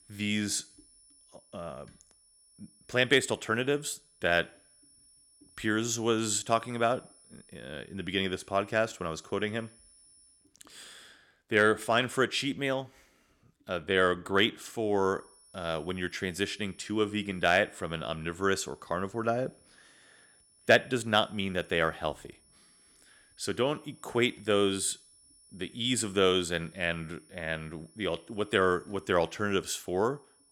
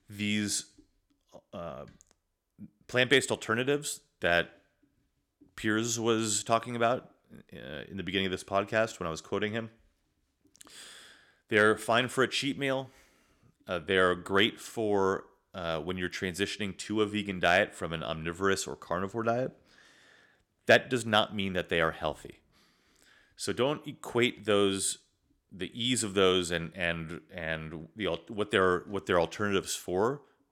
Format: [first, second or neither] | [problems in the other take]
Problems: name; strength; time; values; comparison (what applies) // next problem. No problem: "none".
second | high-pitched whine; faint; until 10 s and from 15 s on; 10 kHz, 30 dB below the speech